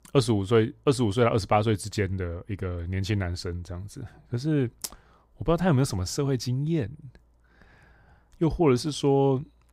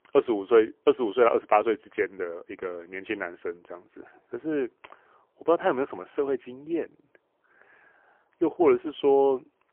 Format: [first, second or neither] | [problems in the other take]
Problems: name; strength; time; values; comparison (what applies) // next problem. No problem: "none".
first | phone-call audio; poor line; nothing above 3.5 kHz